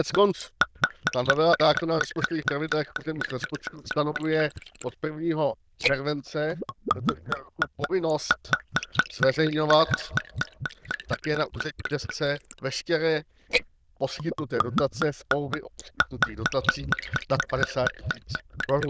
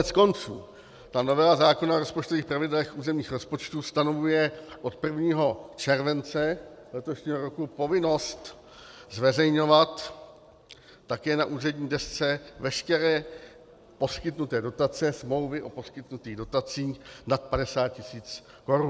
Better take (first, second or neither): second